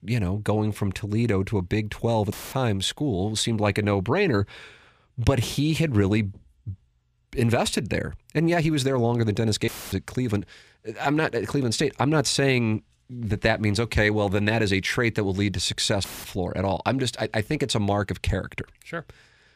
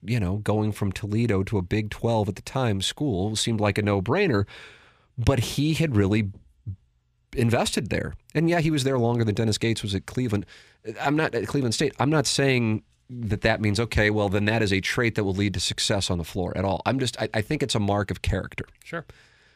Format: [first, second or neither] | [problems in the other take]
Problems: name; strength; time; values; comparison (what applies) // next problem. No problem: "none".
second | audio cutting out; filled with static; at 2.5 s, at 9.5 s and at 16 s